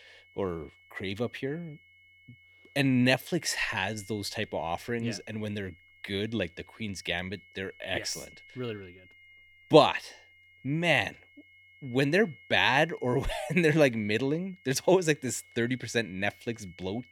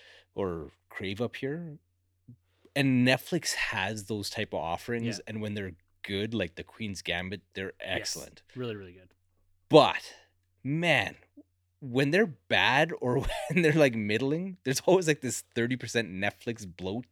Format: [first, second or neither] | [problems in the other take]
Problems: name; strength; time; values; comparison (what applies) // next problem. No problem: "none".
second | high-pitched whine; faint; throughout; 2 kHz, 25 dB below the speech